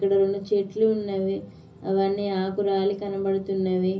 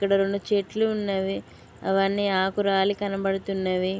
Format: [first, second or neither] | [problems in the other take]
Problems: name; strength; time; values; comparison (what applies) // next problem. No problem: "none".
second | room echo; dies away in 0.5 s